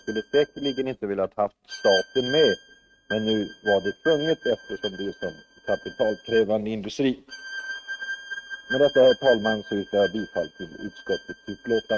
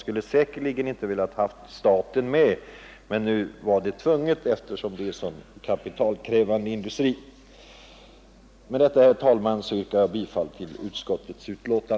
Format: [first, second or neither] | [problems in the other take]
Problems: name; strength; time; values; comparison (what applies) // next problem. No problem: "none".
second | noise reduction (neural mask model RNNoise)